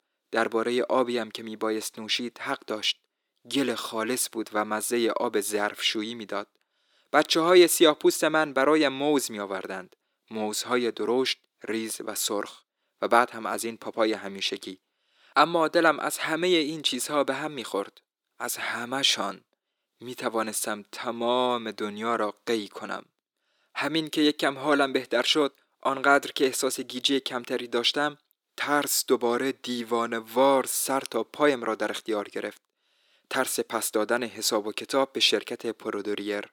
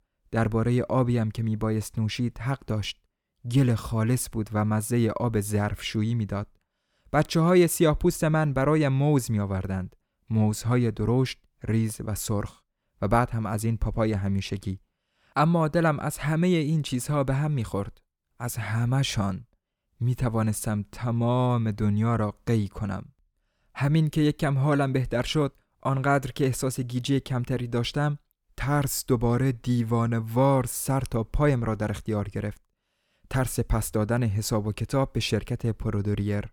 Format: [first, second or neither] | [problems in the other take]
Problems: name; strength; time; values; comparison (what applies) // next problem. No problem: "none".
second | thin; somewhat; fading below 300 Hz